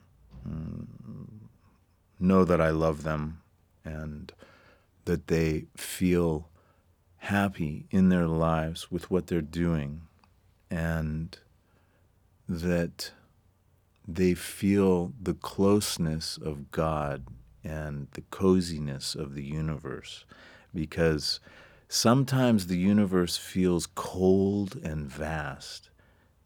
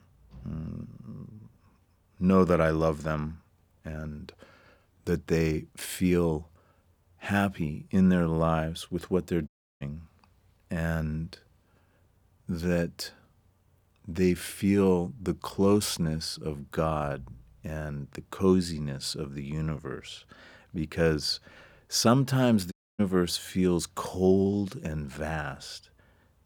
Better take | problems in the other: first | audio cutting out; at 9.5 s and at 23 s

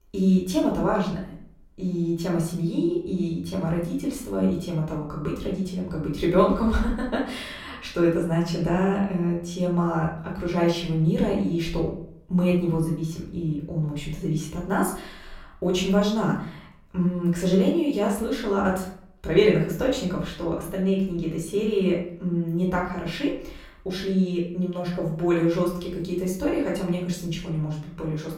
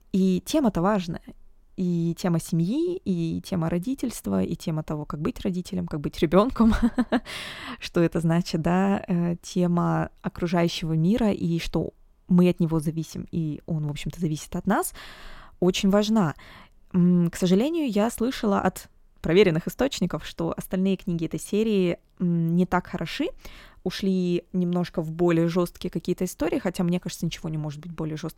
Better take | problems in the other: second | off-mic speech; far // room echo; slight; dies away in 0.5 s

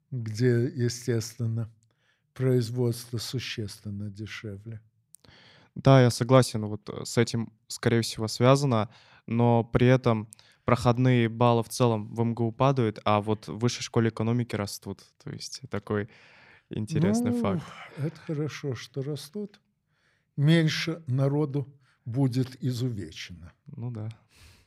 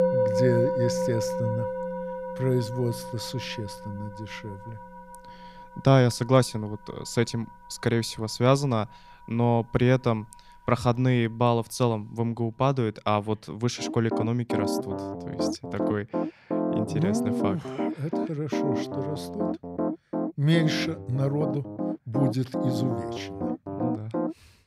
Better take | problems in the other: first | background music; loud; throughout; 3 dB below the speech

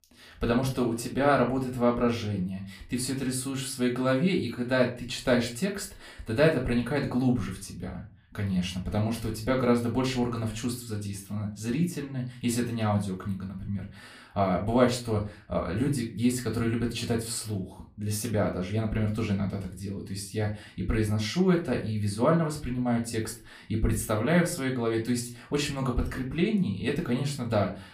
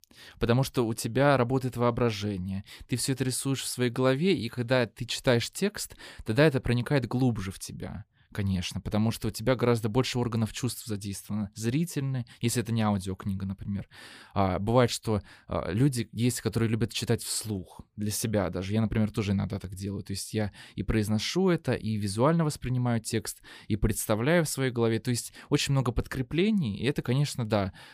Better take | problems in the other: second | off-mic speech; somewhat distant // room echo; very slight; dies away in 0.3 s

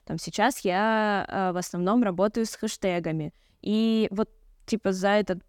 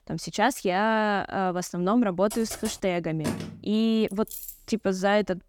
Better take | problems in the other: first | keyboard typing; faint; at 2.5 s; peak 10 dB below the speech // phone ringing; noticeable; at 3 s; peak 7 dB below the speech // jangling keys; faint; at 4 s; peak 10 dB below the speech

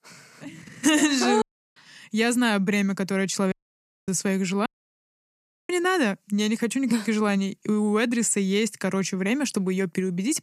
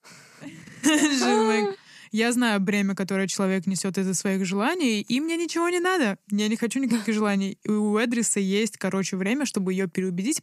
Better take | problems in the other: second | audio cutting out; at 1.5 s, at 3.5 s for 0.5 s and at 4.5 s for 1 s

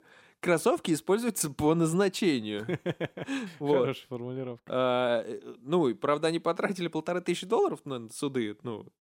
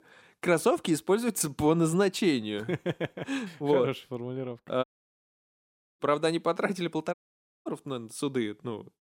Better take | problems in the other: first | audio cutting out; at 5 s for 1 s and at 7 s for 0.5 s

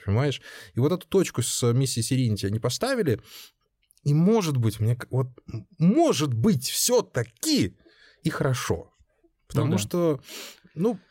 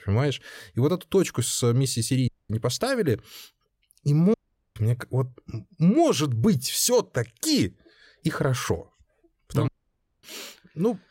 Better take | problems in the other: first | audio cutting out; at 2.5 s, at 4.5 s and at 9.5 s for 0.5 s

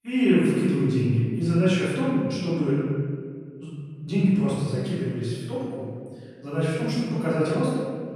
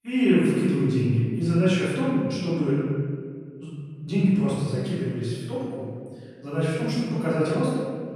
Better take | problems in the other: neither | room echo; strong; dies away in 1.8 s; the same in both // off-mic speech; far; the same in both

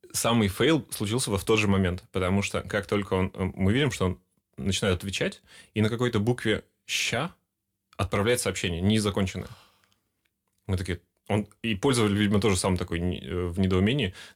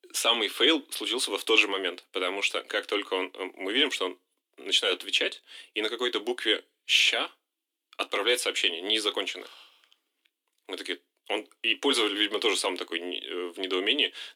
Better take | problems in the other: first | thin; somewhat; fading below 250 Hz

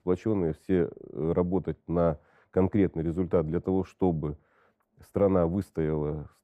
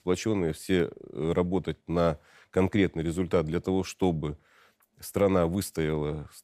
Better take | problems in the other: second | muffled; very; fading above 2 kHz

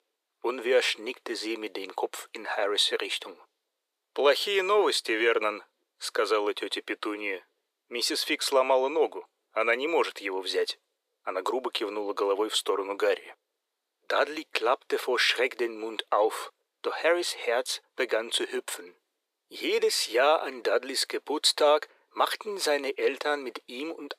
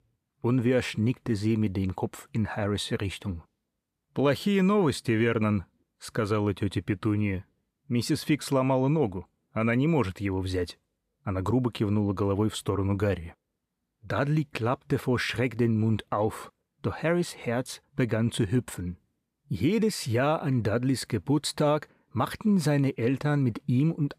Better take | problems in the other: second | thin; very; fading below 400 Hz

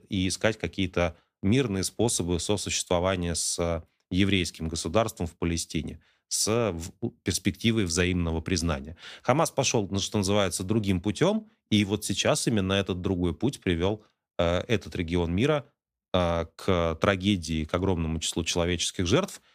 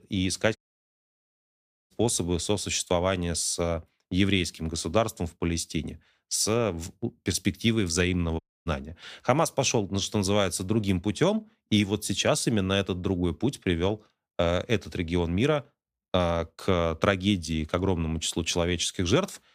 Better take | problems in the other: first | audio cutting out; at 0.5 s for 1.5 s and at 8.5 s

